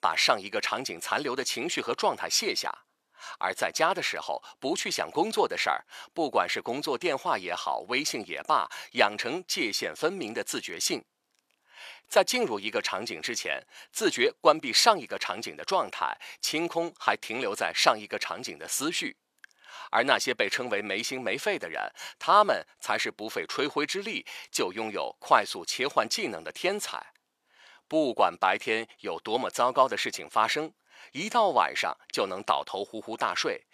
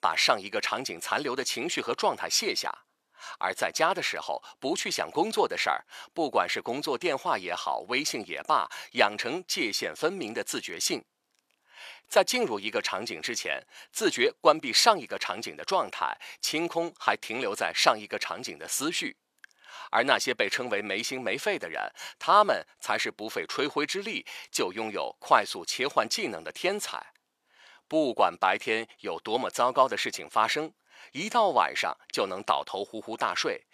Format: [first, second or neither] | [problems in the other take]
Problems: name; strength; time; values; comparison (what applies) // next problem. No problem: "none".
neither | thin; somewhat; fading below 500 Hz; the same in both